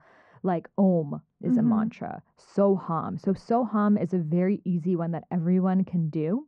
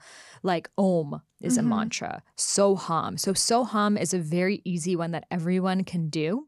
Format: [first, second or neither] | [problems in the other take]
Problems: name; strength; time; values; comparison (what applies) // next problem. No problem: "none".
second | muffled; very; fading above 1 kHz